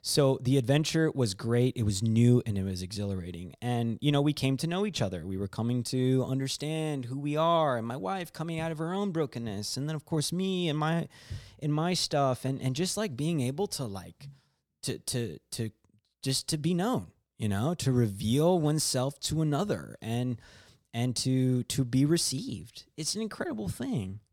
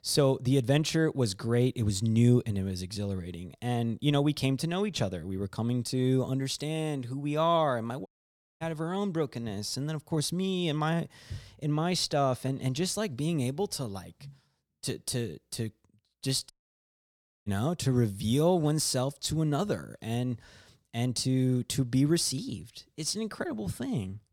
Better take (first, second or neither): first